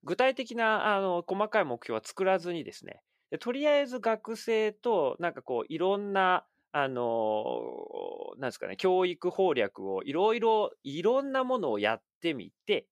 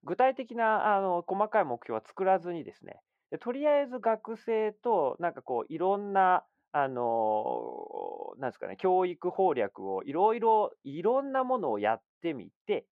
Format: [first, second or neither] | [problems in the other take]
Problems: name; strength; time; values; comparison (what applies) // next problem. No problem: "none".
first | muffled; very; fading above 3 kHz